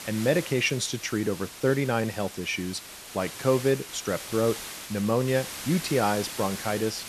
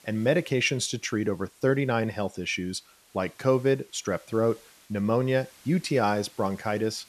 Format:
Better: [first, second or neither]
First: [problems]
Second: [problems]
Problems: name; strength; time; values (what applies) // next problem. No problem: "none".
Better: second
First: hiss; loud; throughout; 10 dB below the speech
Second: hiss; faint; throughout; 25 dB below the speech